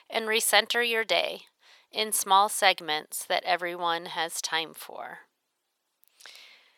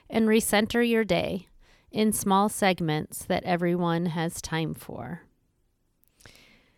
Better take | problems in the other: second | thin; very; fading below 800 Hz

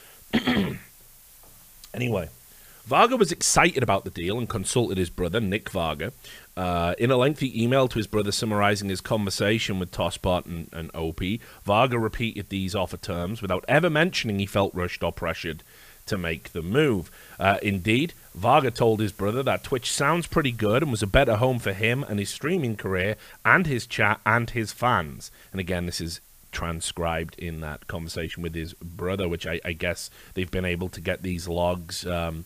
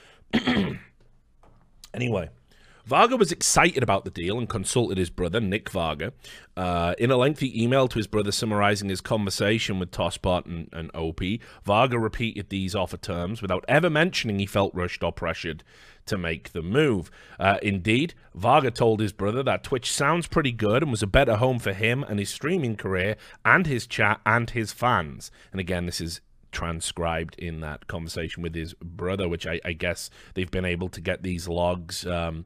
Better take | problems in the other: second | hiss; faint; throughout; 25 dB below the speech

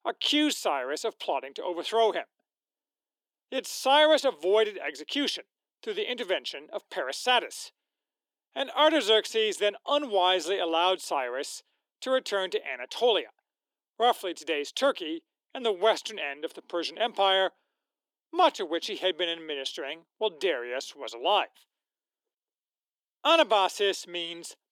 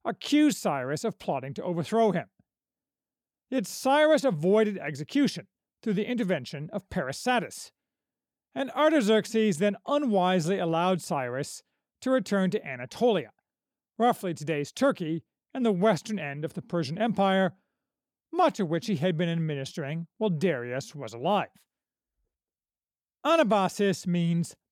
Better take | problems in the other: second | thin; somewhat; fading below 300 Hz

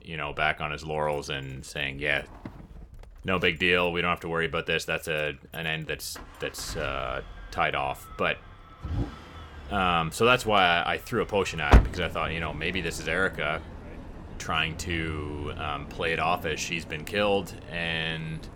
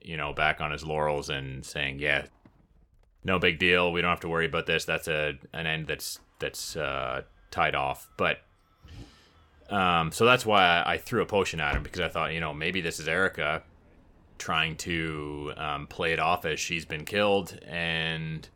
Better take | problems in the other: second | traffic noise; loud; throughout; 7 dB below the speech; faint in the second

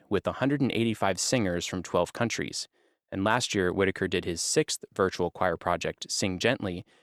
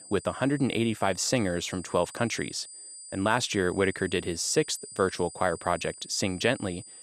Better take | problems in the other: first | high-pitched whine; noticeable; throughout; 8.5 kHz, 15 dB below the speech

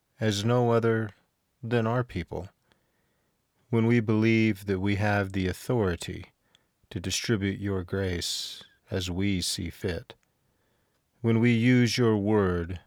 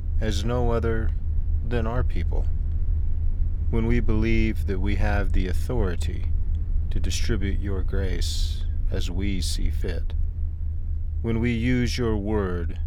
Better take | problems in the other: first | low rumble; noticeable; throughout; 15 dB below the speech

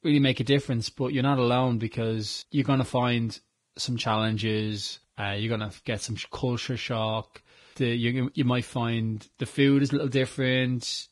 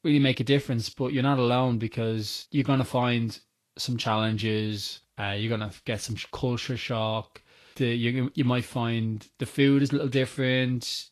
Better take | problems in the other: second | garbled, watery; badly; nothing above 10.5 kHz; slightly in the second

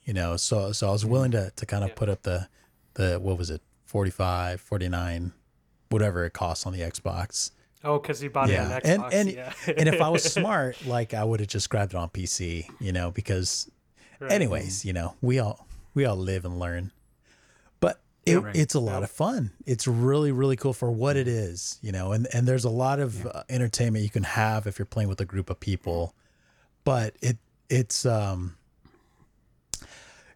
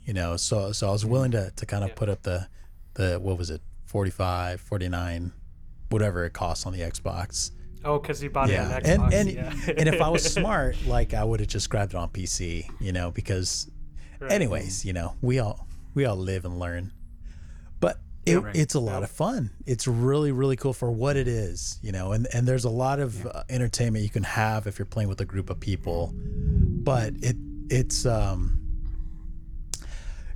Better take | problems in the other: first | low rumble; noticeable; throughout; 15 dB below the speech

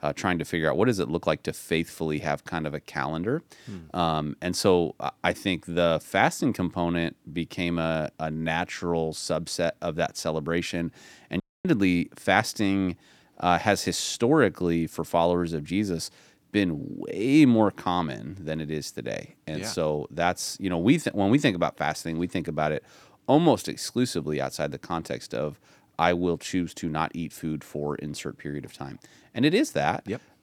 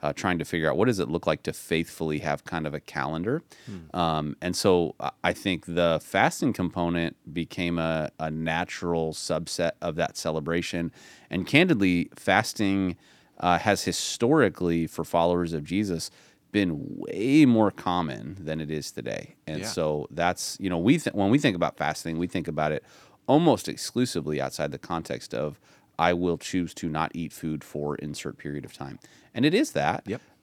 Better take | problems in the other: second | audio cutting out; at 11 s

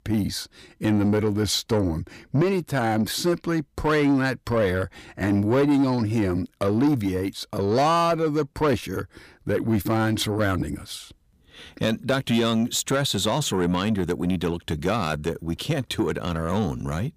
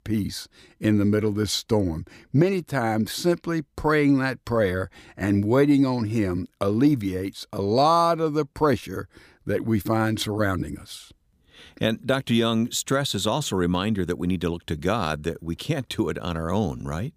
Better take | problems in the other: second | distortion; slight; 10 dB below the speech

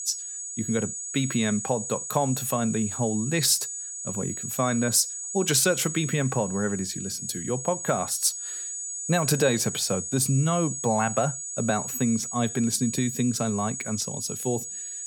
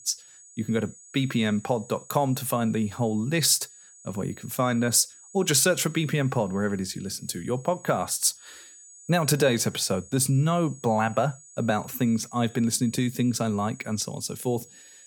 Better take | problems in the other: second | high-pitched whine; loud; throughout; 7 kHz, 6 dB below the speech; faint in the second

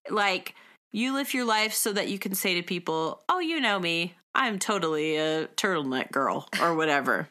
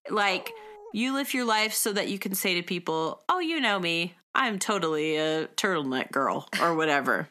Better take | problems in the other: first | dog barking; faint; at 0.5 s; peak 15 dB below the speech

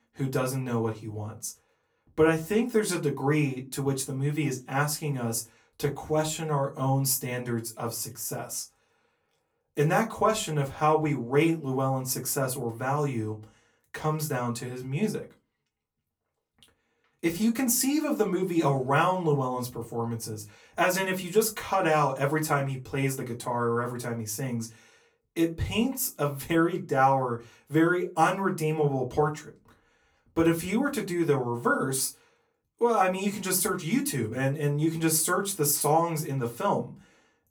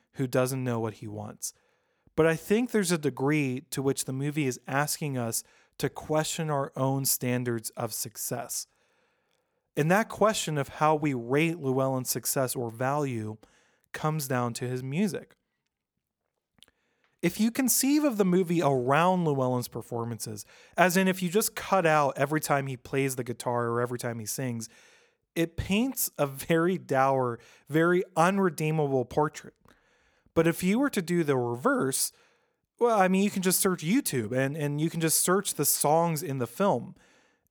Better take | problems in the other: second | off-mic speech; far // room echo; very slight; dies away in 0.2 s

